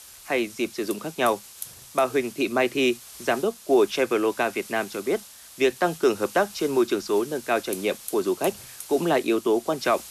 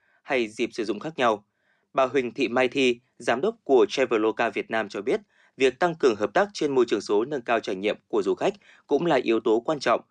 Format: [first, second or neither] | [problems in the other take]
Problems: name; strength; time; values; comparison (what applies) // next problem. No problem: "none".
second | hiss; noticeable; throughout; 15 dB below the speech